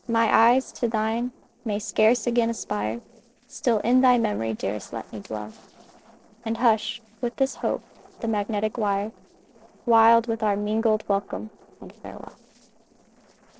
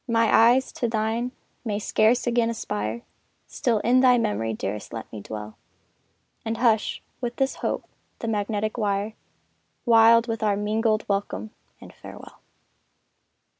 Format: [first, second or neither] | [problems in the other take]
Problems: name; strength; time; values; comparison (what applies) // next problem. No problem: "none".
second | noise reduction (neural separator model SepFormer DNS4)